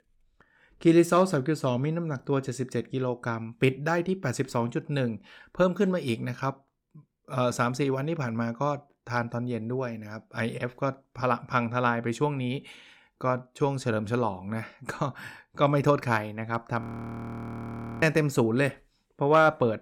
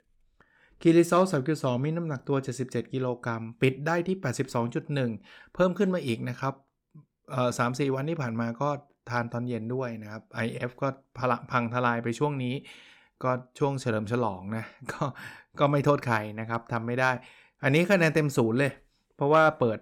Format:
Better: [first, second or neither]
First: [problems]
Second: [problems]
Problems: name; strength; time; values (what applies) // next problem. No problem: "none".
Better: second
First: audio freezing; at 17 s for 1 s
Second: none